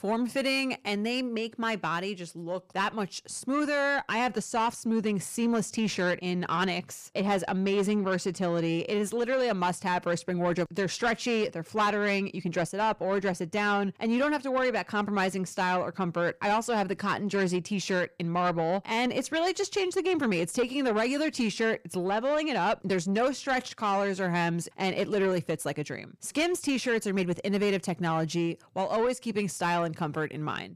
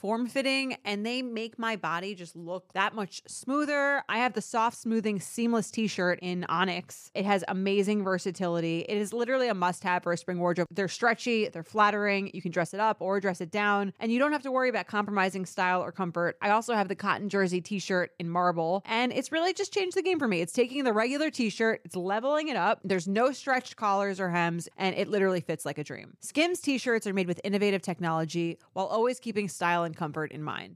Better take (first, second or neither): second